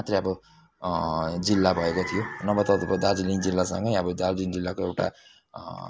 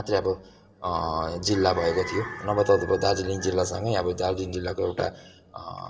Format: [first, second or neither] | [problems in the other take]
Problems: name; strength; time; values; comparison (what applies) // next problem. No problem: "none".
first | room echo; dies away in 2.2 s